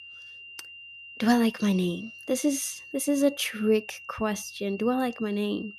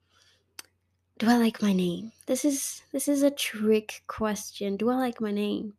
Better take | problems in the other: second | high-pitched whine; noticeable; throughout; 3 kHz, 15 dB below the speech

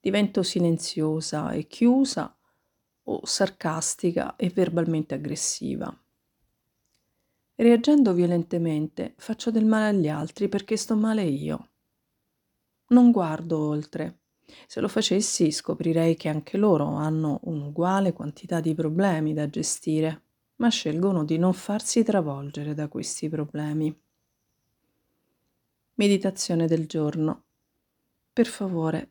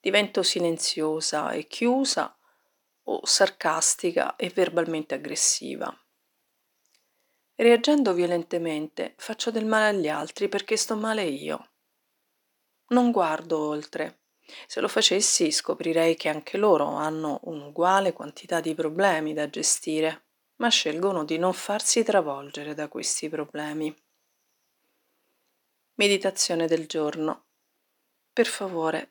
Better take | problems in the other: first | thin; somewhat; fading below 500 Hz

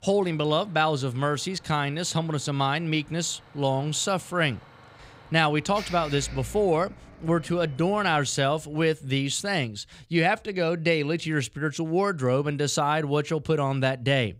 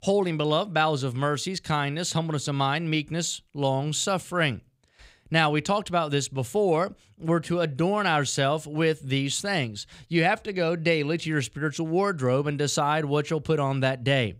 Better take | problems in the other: second | traffic noise; faint; until 8.5 s; 20 dB below the speech

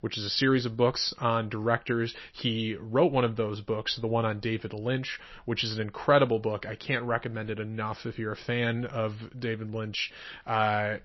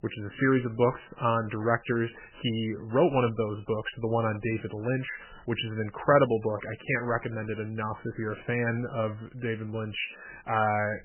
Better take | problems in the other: first | garbled, watery; badly; nothing above 3 kHz; slightly in the first

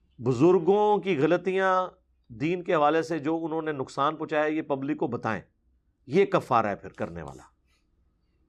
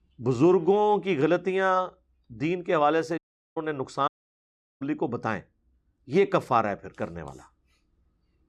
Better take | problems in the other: first | audio cutting out; at 3 s and at 4 s for 0.5 s

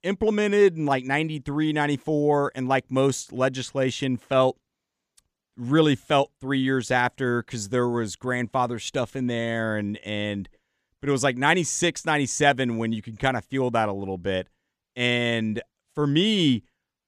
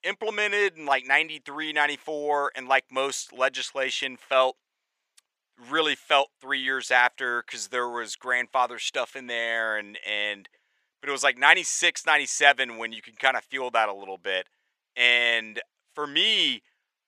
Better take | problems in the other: first | thin; very; fading below 700 Hz

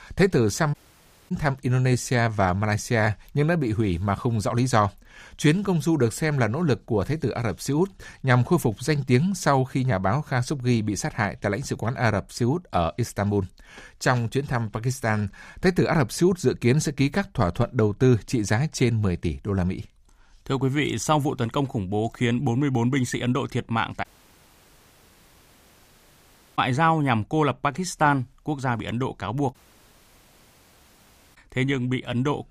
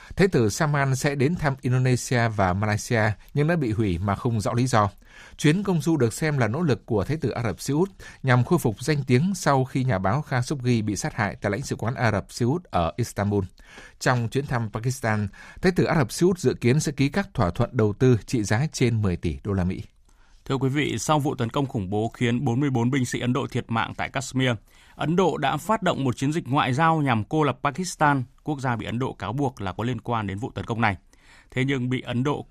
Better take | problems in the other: second | audio cutting out; at 0.5 s for 0.5 s, at 24 s for 2.5 s and at 30 s for 2 s

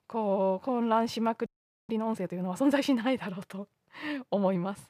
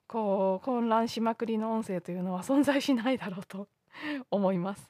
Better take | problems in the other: second | audio freezing; at 1.5 s

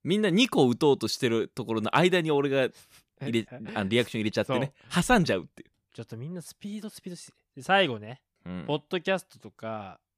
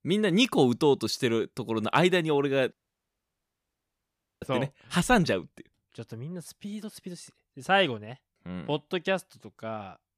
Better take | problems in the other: first | audio cutting out; at 2.5 s for 1.5 s

